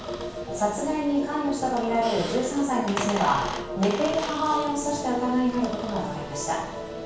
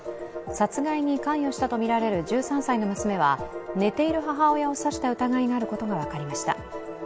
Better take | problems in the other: second | background sound (Squeak); 11 dB below the speech // room echo; dies away in 0.7 s

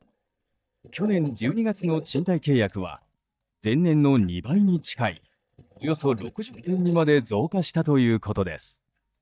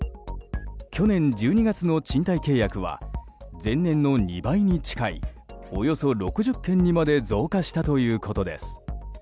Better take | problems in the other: second | noise reduction (neural mask model DeepFilterNet 3)

